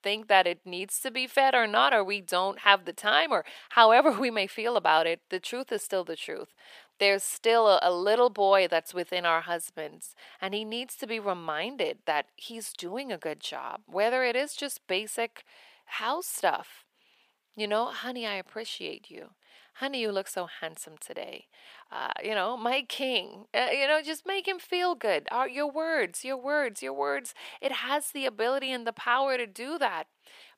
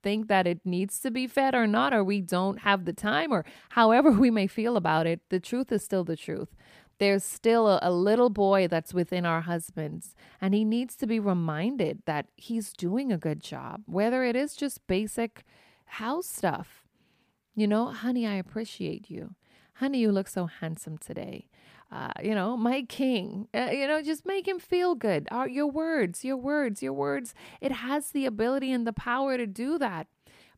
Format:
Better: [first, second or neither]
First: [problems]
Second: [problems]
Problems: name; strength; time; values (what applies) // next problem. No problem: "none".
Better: second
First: thin; very; fading below 650 Hz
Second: none